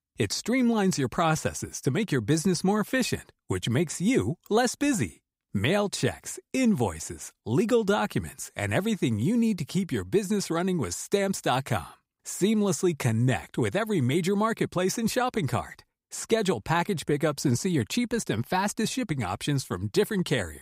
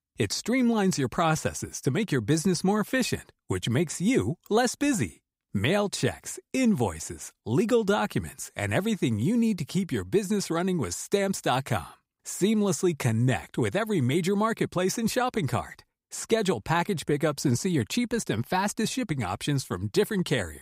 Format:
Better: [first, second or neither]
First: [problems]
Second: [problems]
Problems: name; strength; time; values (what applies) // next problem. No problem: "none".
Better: neither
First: none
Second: none